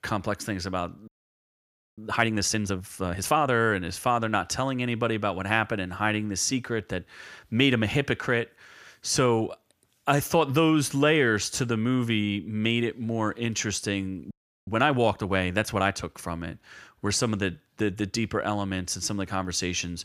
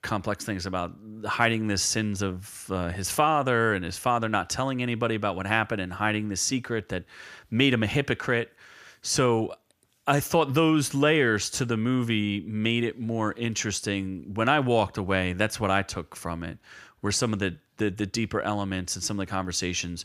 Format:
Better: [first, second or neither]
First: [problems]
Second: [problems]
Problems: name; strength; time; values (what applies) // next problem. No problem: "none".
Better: second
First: audio freezing; at 1 s for 1 s and at 14 s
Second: none